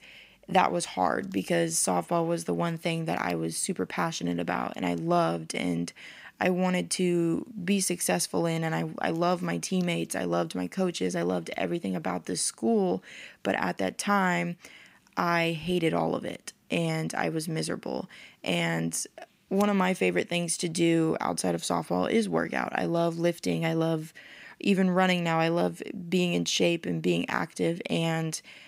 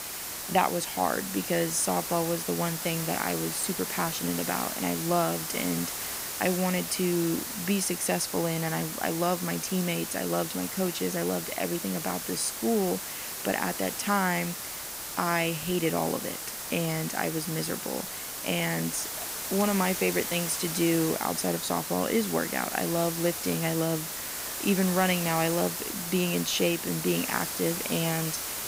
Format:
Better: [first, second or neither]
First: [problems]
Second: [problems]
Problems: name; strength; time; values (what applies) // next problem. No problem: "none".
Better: first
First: none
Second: hiss; loud; throughout; 4 dB below the speech